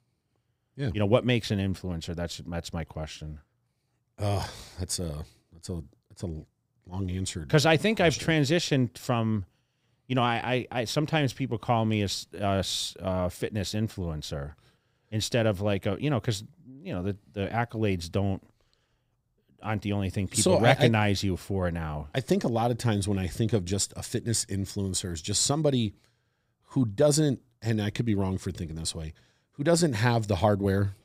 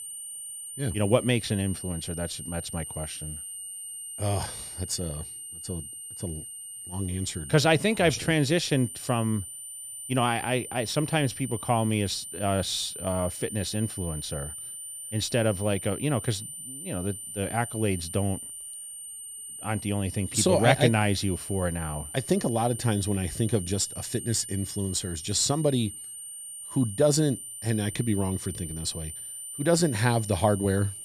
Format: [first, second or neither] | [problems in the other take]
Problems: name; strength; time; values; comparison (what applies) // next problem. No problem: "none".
first | high-pitched whine; loud; throughout; 9 kHz, 9 dB below the speech